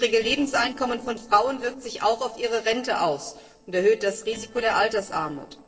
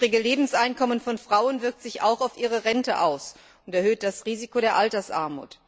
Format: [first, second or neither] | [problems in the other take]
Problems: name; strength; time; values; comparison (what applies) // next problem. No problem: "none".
second | noise reduction (neural separator model SepFormer DNS4)